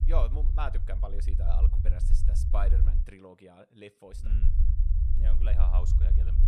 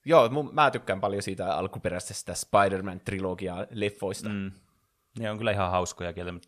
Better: second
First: low rumble; loud; until 3 s and from 4 s on; 6 dB below the speech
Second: none

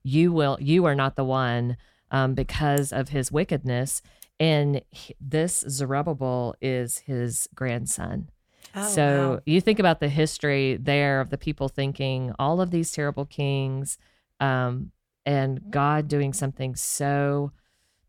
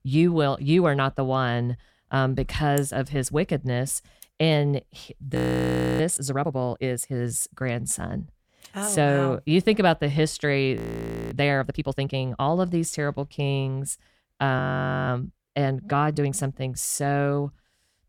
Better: first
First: none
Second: audio freezing; at 5.5 s for 0.5 s, at 11 s for 0.5 s and at 15 s

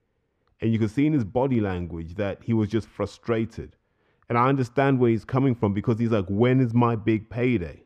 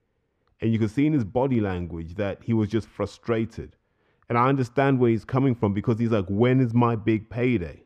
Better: neither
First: none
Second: none

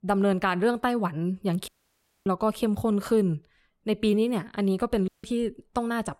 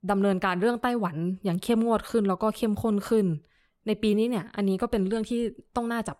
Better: second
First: audio cutting out; at 1.5 s for 0.5 s and at 5 s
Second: none

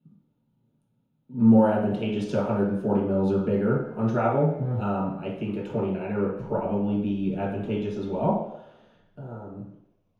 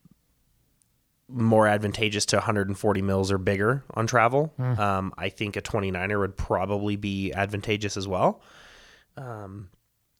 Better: second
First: room echo; noticeable; dies away in 3 s // off-mic speech; far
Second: none

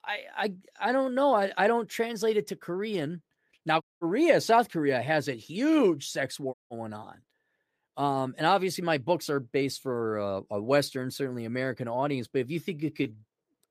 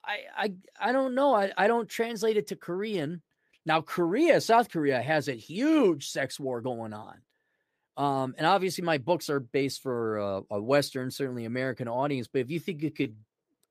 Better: second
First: audio cutting out; at 4 s and at 6.5 s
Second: none

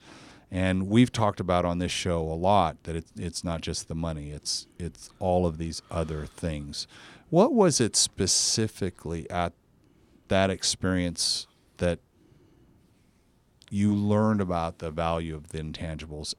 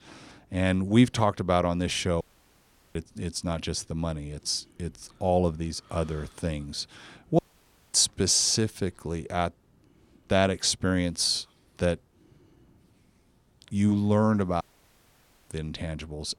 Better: first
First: none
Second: audio cutting out; at 2 s for 0.5 s, at 7.5 s for 0.5 s and at 15 s for 1 s

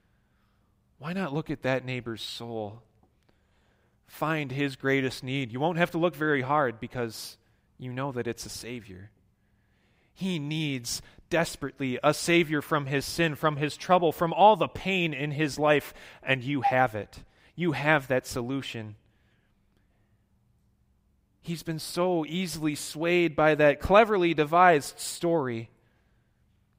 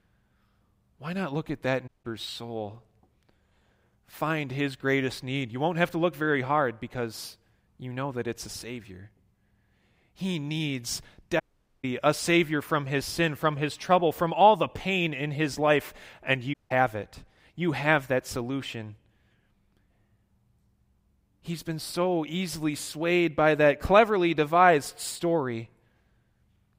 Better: first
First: none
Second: audio cutting out; at 2 s, at 11 s and at 17 s

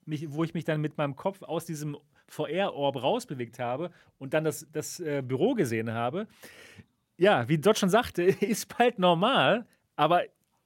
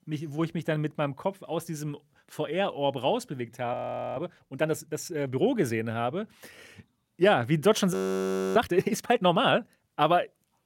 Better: first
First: none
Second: audio freezing; at 3.5 s and at 8 s for 0.5 s

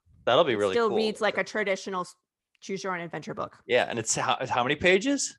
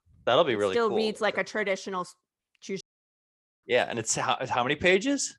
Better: first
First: none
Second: audio cutting out; at 3 s for 1 s

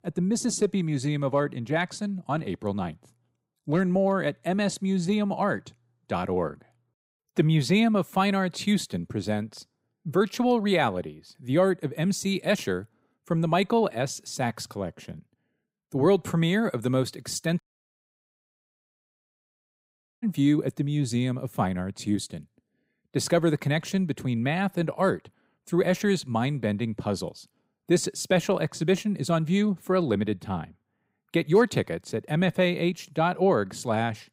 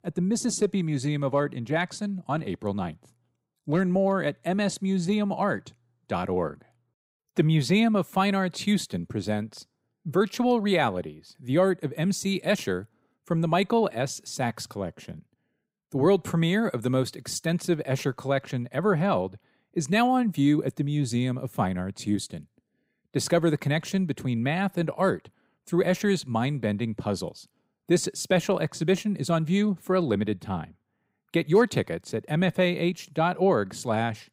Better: second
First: audio cutting out; at 18 s for 2.5 s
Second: none

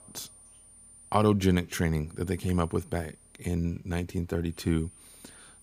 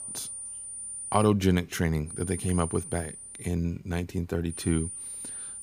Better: first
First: high-pitched whine; faint; until 1.5 s, from 2 to 3.5 s and from 4.5 s on; 9 kHz, 25 dB below the speech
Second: high-pitched whine; loud; until 1.5 s, from 2 to 3.5 s and from 4.5 s on; 9 kHz, 8 dB below the speech

